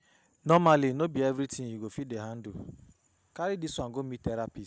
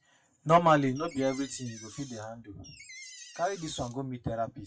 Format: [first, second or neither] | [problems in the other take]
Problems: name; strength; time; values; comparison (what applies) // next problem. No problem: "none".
first | noise reduction (classical method WPE with log-MMSE)